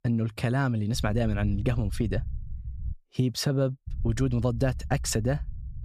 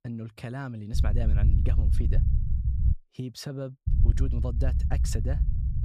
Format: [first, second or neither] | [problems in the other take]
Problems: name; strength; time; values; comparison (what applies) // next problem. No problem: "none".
first | low rumble; loud; from 1 to 3 s and from 4 s on; 4 dB below the speech; faint in the first